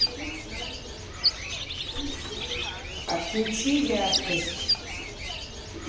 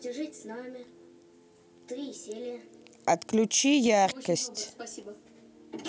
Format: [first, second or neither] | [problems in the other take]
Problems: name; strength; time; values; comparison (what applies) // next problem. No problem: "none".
second | background sound (Bird); 1 dB above the speech // room echo; dies away in 0.9 s